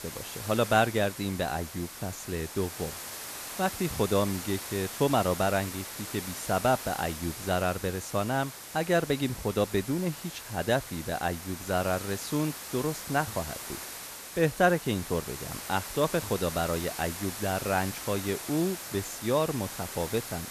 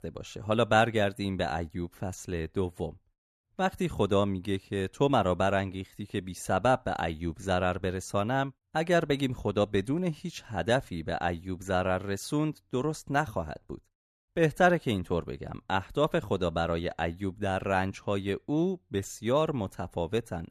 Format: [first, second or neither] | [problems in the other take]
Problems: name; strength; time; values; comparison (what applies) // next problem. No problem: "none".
second | hiss; loud; throughout; 8 dB below the speech